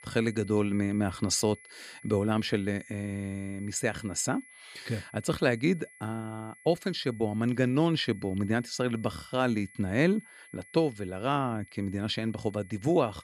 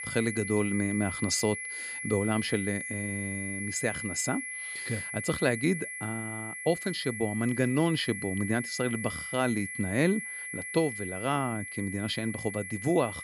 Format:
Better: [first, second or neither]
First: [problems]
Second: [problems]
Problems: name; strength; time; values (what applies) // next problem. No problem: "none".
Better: first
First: high-pitched whine; faint; throughout; 2 kHz, 20 dB below the speech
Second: high-pitched whine; loud; throughout; 2 kHz, 5 dB below the speech